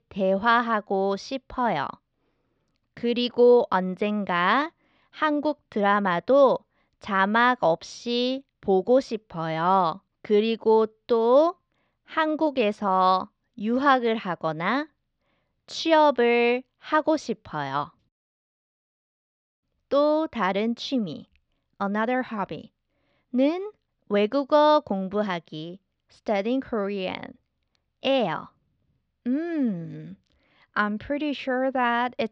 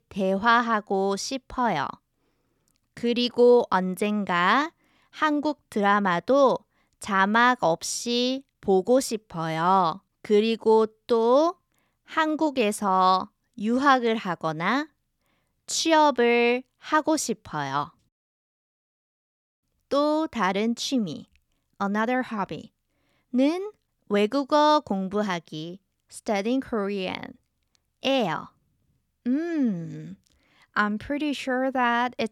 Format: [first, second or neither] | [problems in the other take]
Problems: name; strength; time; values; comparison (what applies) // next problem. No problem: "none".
second | muffled; very slightly; fading above 4.5 kHz